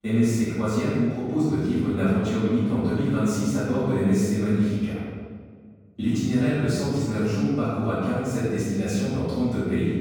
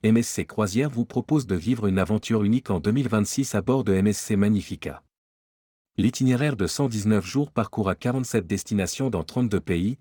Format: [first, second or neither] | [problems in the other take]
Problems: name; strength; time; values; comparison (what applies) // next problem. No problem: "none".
second | off-mic speech; far // room echo; strong; dies away in 1.5 s